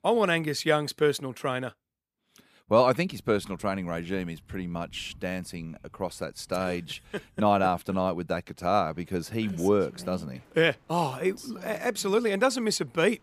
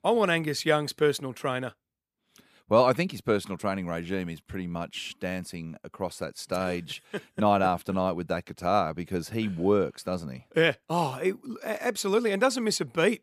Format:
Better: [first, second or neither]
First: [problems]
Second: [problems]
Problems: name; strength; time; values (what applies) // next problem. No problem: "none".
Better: second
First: rain or running water; faint; from 3 s on; 20 dB below the speech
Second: none